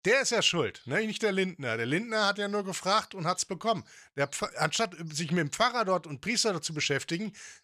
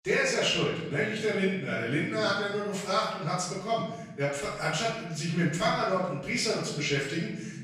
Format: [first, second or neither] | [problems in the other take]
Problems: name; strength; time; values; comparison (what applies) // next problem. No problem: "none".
first | off-mic speech; far // room echo; noticeable; dies away in 1.1 s